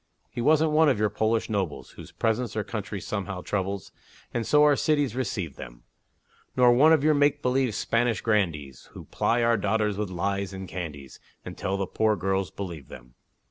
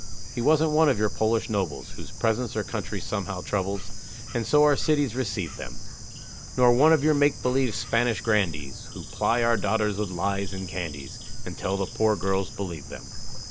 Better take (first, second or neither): first